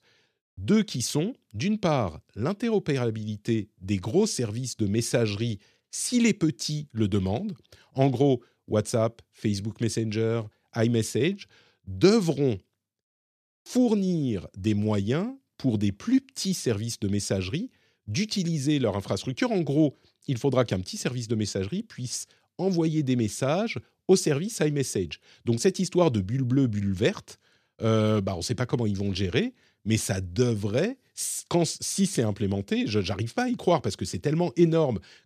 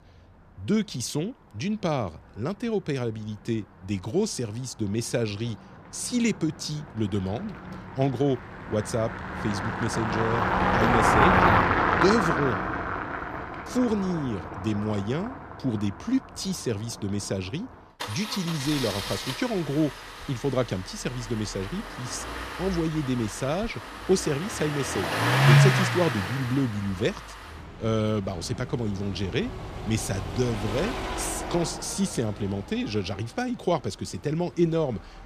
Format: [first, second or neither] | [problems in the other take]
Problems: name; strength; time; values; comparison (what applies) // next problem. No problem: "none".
first | traffic noise; very loud; throughout; 2 dB above the speech